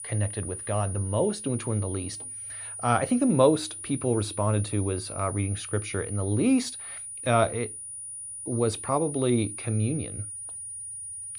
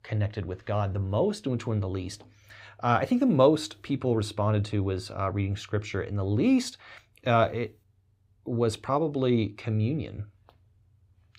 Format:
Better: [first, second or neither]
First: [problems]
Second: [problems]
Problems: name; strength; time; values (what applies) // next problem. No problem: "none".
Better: second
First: high-pitched whine; loud; throughout; 9.5 kHz, 8 dB below the speech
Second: none